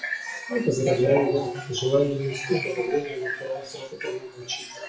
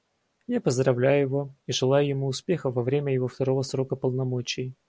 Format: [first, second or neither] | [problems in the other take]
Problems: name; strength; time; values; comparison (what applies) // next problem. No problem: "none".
second | noise reduction (classical method WPE with log-MMSE)